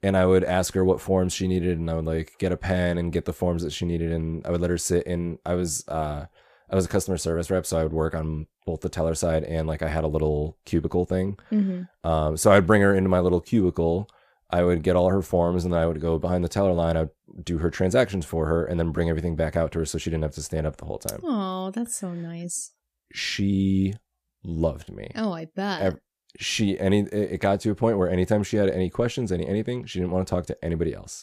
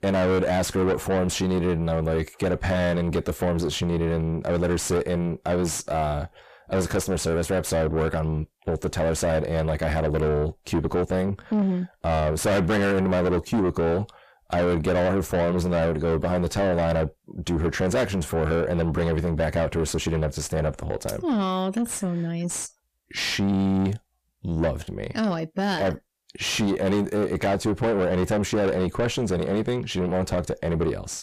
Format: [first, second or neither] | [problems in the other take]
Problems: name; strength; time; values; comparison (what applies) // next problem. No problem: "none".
first | distortion; heavy; 5 dB below the speech